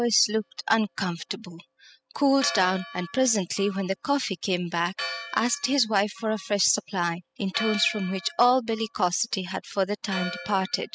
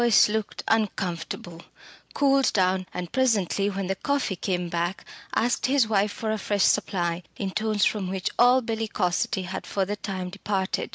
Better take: second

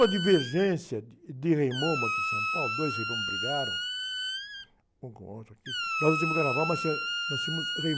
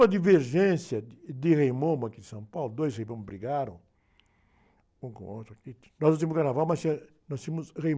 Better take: second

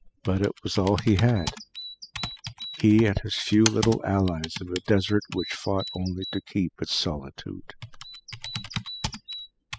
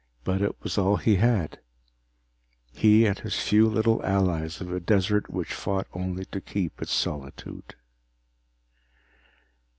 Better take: second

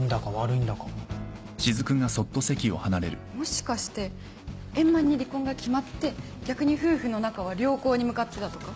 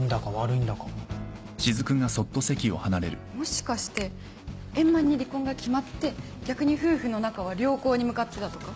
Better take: first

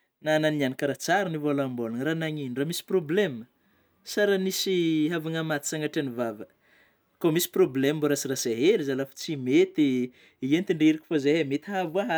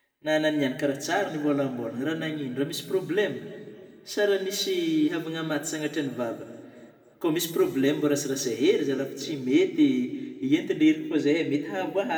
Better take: first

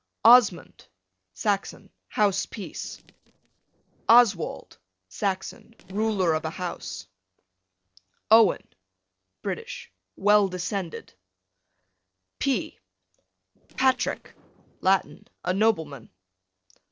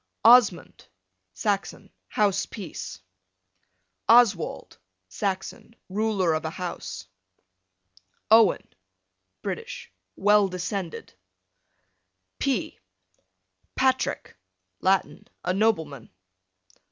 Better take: second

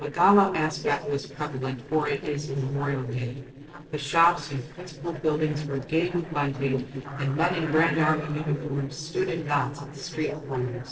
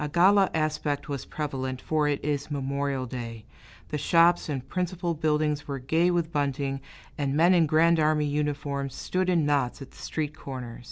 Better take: second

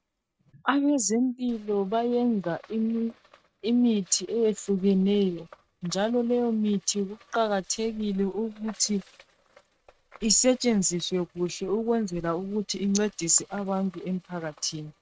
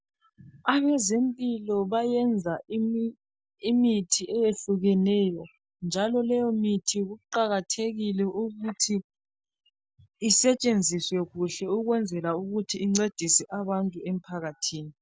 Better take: second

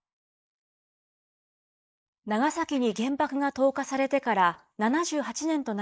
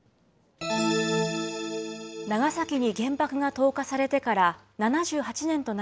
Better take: second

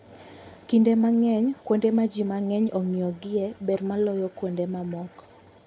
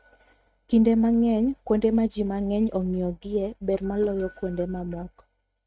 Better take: first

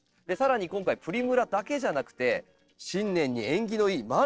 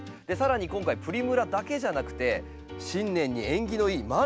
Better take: second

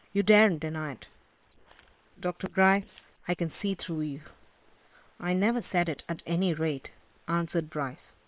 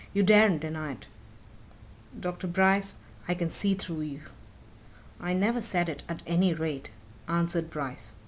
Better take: second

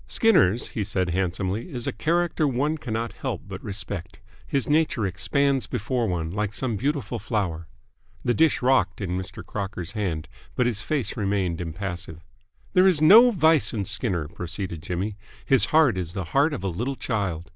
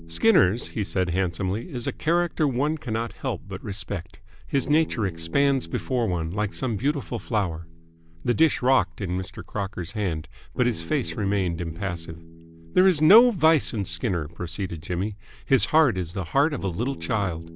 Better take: first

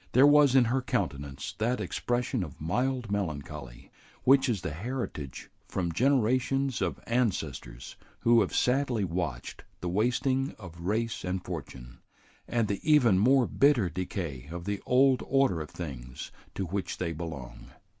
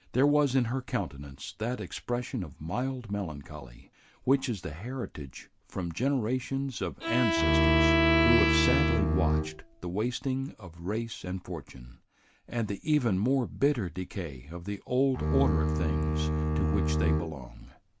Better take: first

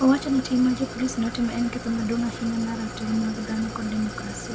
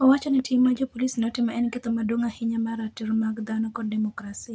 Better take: second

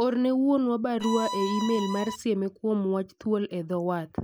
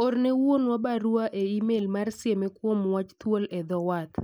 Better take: second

